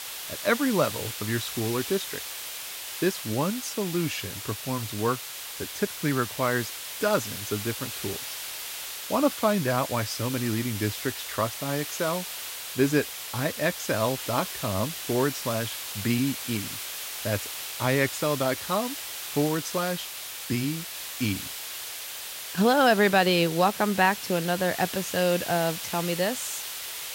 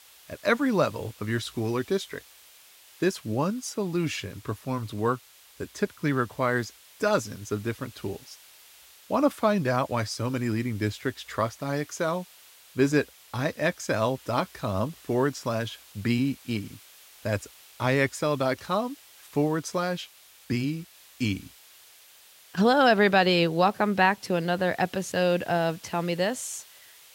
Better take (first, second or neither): second